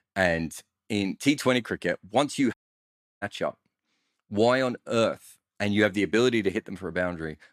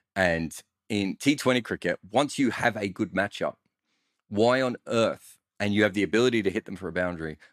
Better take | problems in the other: second | audio cutting out; at 2.5 s for 0.5 s

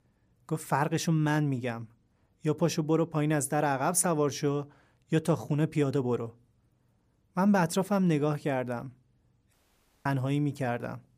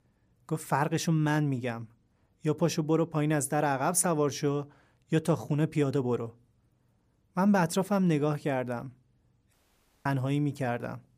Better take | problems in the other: neither | audio cutting out; at 9.5 s for 0.5 s; the same in both

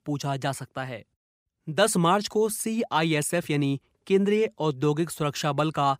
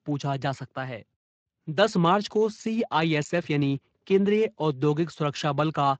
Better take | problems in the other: first | garbled, watery; slightly; nothing above 7.5 kHz

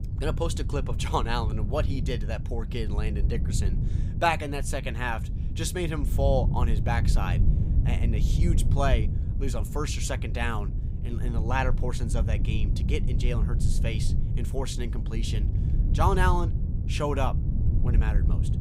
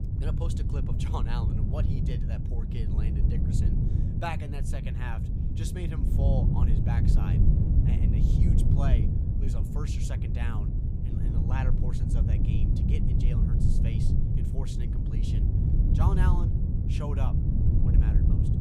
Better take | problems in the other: first | wind noise on the microphone; heavy; 1 dB above the speech; occasional gusts in the first

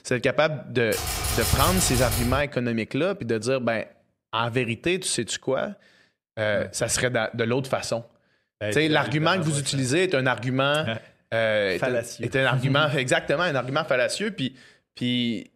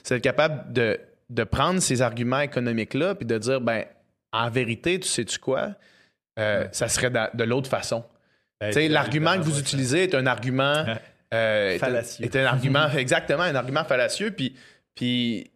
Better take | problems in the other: second | keyboard typing; loud; from 1 to 2.5 s; peak 1 dB above the speech

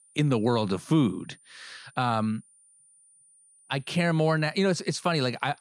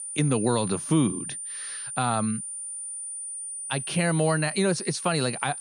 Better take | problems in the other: first | high-pitched whine; loud; throughout; 9 kHz, 6 dB below the speech; faint in the first

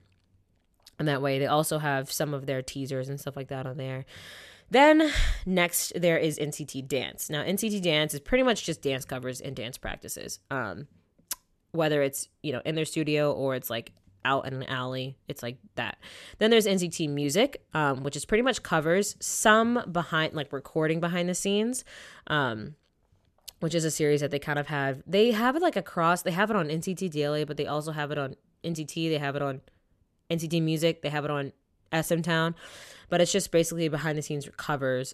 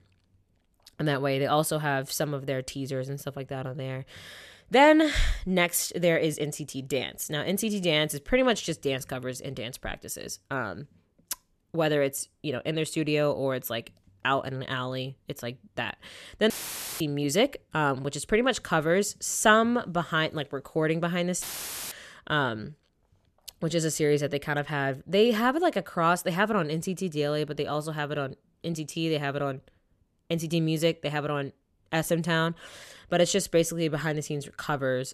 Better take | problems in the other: first | audio cutting out; filled with static; at 17 s for 0.5 s and at 21 s

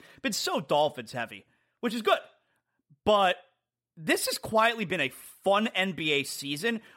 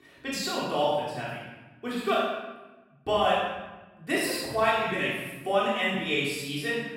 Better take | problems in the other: first | off-mic speech; far // room echo; strong; dies away in 1.1 s

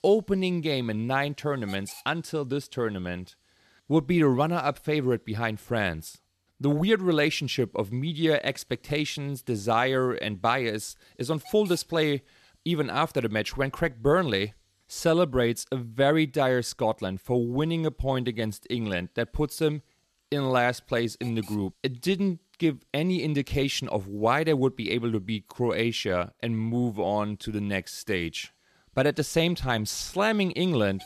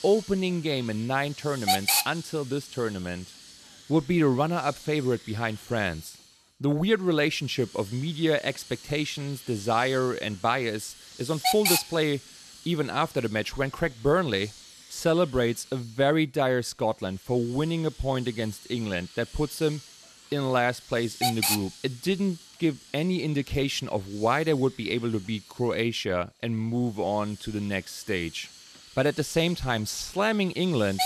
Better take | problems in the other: first | hiss; loud; throughout; 5 dB below the speech; faint in the first

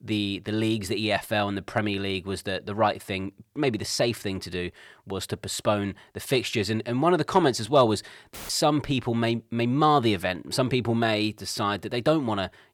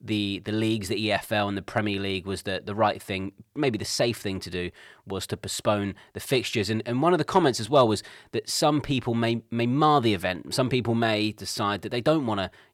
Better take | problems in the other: second | audio cutting out; filled with static; at 8.5 s

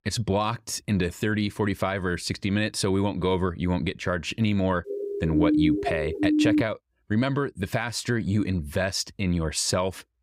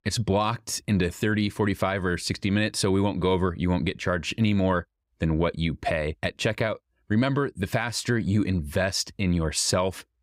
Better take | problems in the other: second | siren; loud; from 5 to 6.5 s; peak 5 dB above the speech

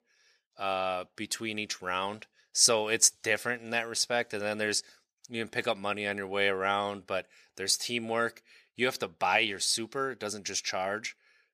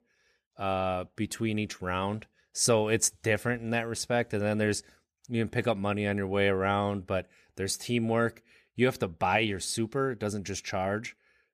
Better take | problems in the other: second | thin; somewhat; fading below 700 Hz

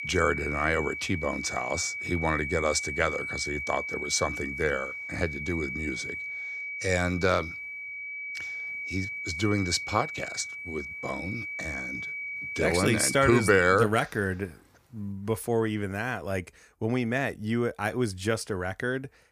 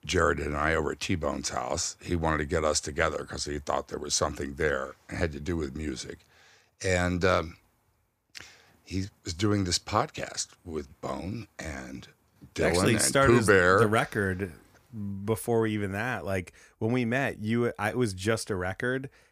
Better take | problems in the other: second | high-pitched whine; loud; until 14 s; 2.5 kHz, 5 dB below the speech

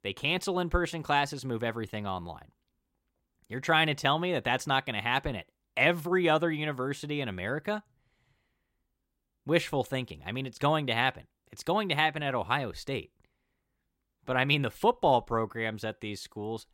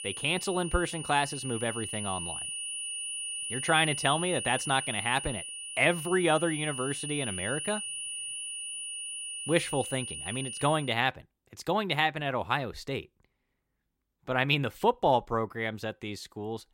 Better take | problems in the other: first | high-pitched whine; loud; until 11 s; 9.5 kHz, 5 dB below the speech

